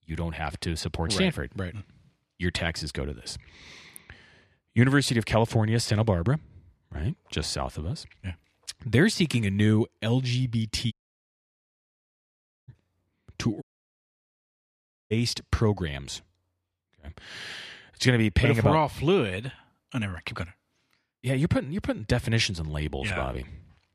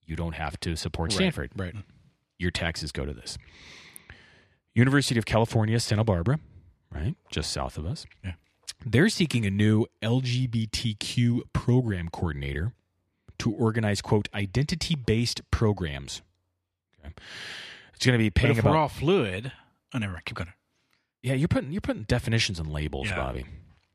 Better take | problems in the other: second | audio cutting out; at 11 s for 2 s and at 14 s for 1.5 s

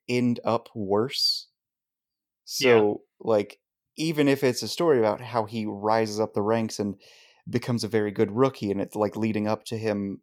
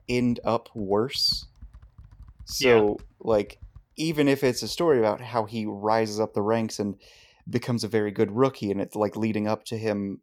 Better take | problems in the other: first | household noises; faint; throughout; 25 dB below the speech

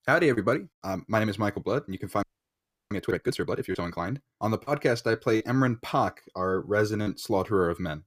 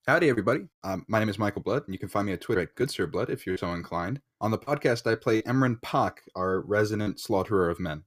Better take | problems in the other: second | audio freezing; at 2 s for 0.5 s

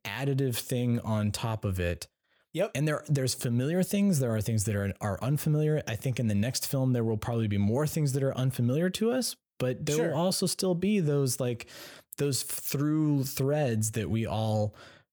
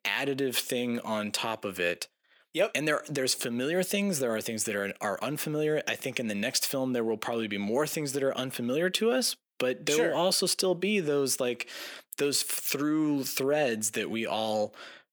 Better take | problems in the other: first | thin; somewhat; fading below 250 Hz

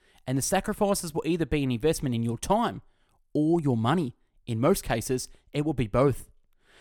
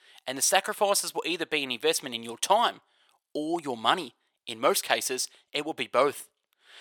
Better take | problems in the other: first | thin; very; fading below 600 Hz

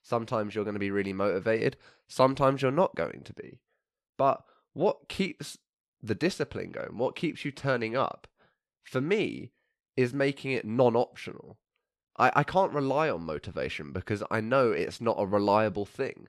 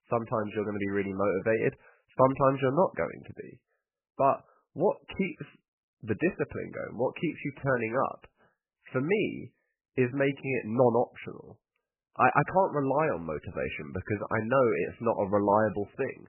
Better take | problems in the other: first | garbled, watery; badly; nothing above 3 kHz

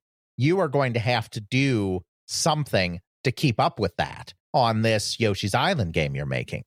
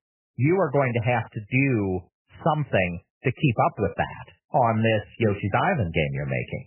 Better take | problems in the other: first | garbled, watery; badly; nothing above 3 kHz

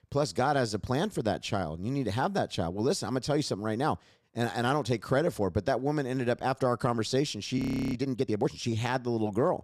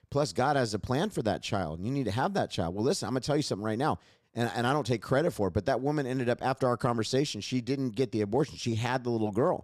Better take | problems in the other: second | audio freezing; at 7.5 s

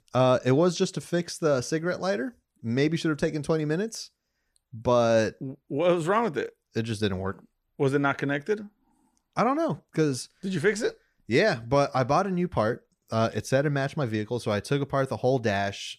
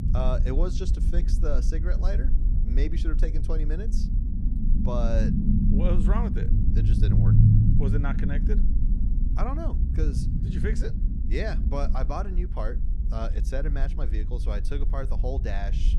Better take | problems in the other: first | low rumble; loud; throughout; 3 dB below the speech

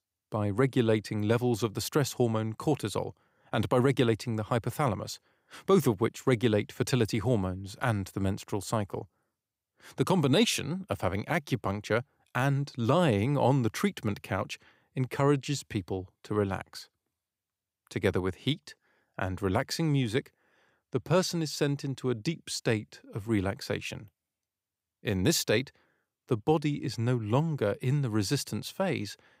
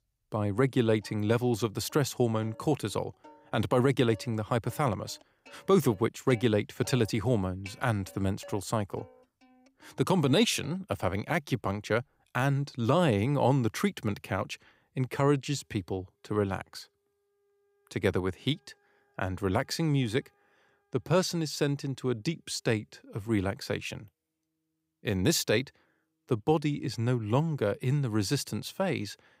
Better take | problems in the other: first | background music; faint; throughout; 25 dB below the speech

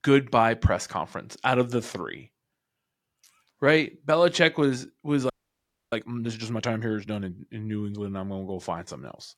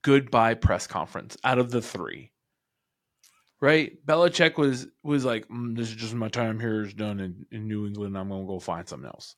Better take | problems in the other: second | audio freezing; at 5.5 s for 0.5 s

